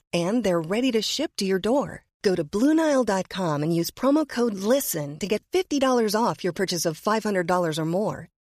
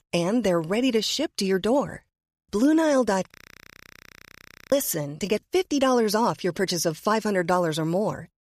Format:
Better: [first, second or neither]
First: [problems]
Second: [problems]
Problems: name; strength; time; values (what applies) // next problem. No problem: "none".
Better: first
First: none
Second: audio freezing; at 2 s and at 3.5 s for 1.5 s